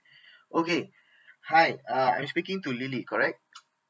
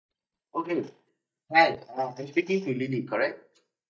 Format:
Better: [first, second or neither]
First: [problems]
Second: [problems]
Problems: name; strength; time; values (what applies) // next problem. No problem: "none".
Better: first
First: none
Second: noise reduction (neural mask model DeepFilterNet 3)